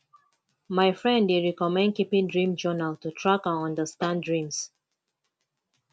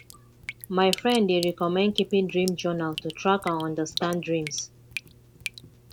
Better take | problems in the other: first | background sound (Drip); 13 dB below the speech

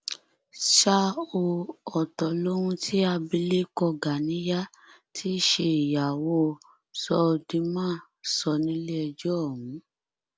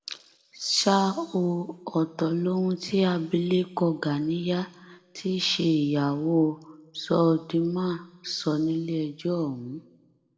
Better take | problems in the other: first | room echo; dies away in 1.2 s

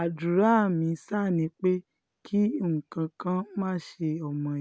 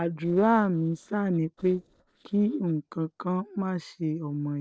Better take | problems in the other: first | noise reduction (neural separator model SepFormer DNS4)

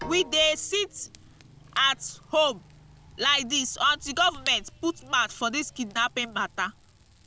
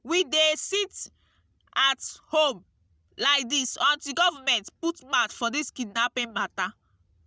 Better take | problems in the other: second | background sound (Fire / Rain + Bowed string instrument); 19 dB below the speech

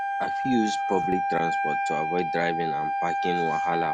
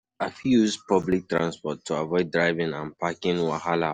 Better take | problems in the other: second | background sound (Wind instrument, woodwind instrument); 2 dB above the speech

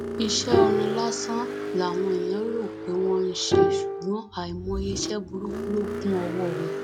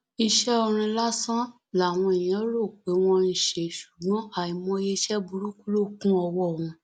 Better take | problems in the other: second | background sound (Car + Bowed string instrument); 1 dB above the speech

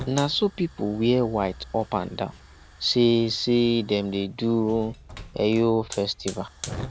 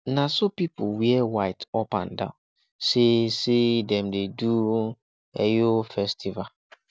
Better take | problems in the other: second | background sound (Hiss / Fire); 16 dB below the speech

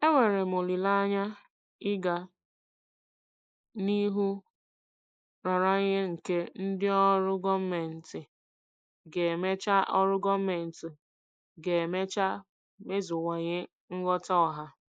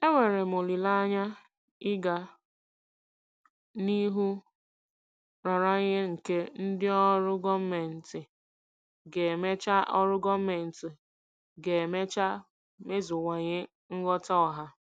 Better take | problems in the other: second | noise reduction (neural mask model Resemble Enhance denoiser)

